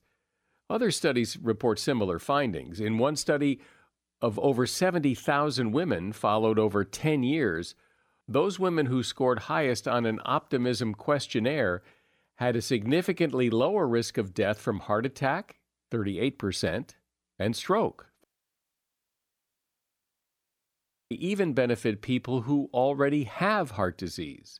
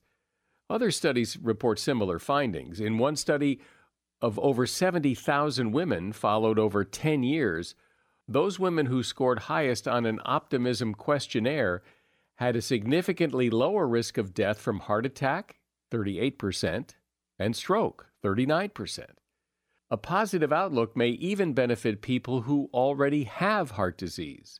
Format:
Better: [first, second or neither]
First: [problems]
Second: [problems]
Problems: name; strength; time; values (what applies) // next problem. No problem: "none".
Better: second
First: audio cutting out; at 18 s for 3 s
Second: none